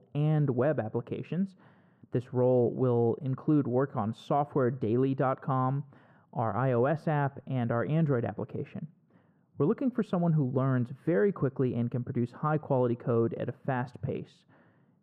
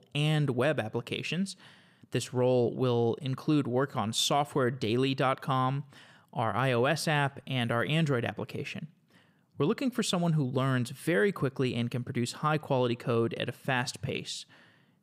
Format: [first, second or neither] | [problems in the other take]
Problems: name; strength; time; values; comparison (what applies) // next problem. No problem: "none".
second | muffled; very; fading above 2 kHz